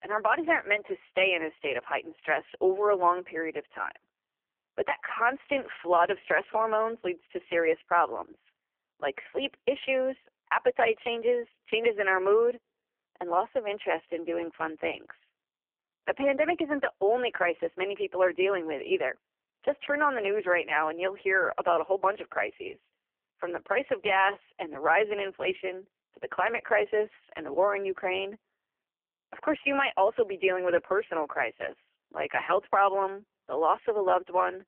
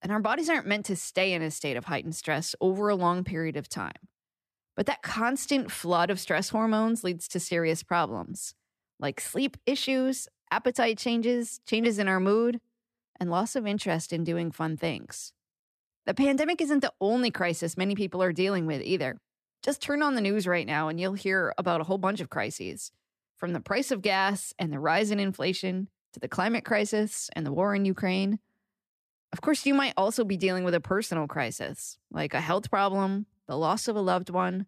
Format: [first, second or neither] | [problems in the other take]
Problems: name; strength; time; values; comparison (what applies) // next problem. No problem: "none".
second | phone-call audio; poor line; nothing above 3 kHz